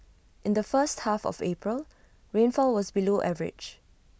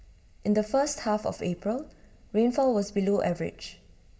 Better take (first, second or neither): first